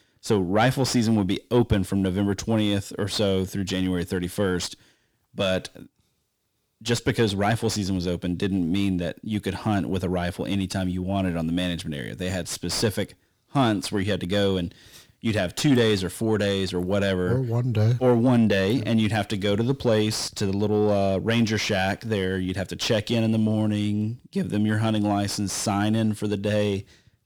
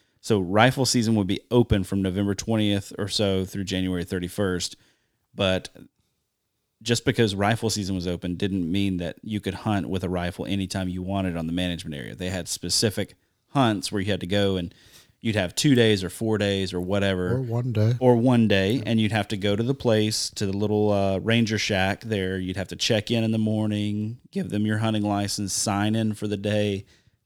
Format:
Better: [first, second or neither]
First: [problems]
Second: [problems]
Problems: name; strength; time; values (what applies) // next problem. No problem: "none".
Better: second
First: distortion; slight; 10 dB below the speech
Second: none